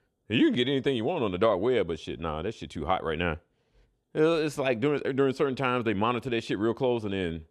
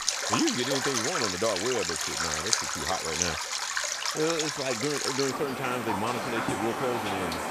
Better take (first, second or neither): first